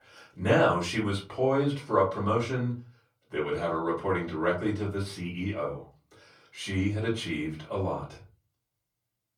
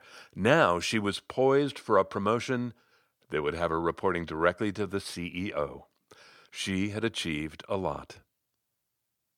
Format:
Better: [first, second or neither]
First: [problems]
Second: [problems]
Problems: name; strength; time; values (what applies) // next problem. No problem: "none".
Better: second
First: off-mic speech; far // room echo; slight; dies away in 0.3 s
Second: none